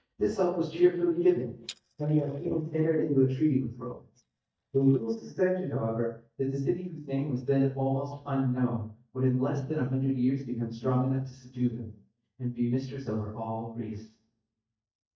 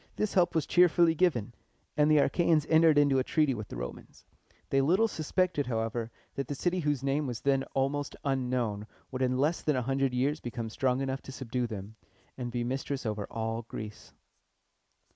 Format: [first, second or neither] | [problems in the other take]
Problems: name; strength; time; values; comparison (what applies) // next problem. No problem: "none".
second | noise reduction (neural mask model DeepFilterNet 3)